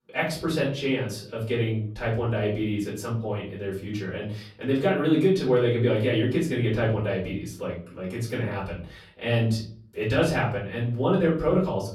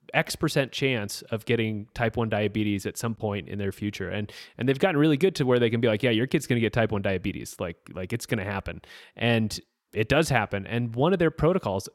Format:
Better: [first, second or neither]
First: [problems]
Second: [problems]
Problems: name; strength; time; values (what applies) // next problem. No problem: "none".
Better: second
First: room echo; slight; dies away in 0.5 s // off-mic speech; far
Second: none